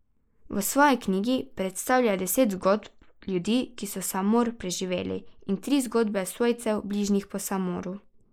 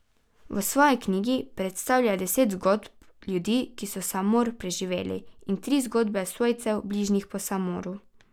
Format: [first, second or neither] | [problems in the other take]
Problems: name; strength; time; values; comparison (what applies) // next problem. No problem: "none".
second | noise reduction (neural mask model Resemble Enhance denoiser)